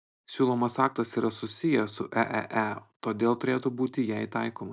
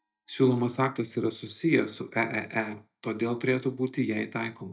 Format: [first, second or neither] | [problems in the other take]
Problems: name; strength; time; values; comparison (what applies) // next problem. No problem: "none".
first | noise reduction (neural mask model DeepFilterNet 3)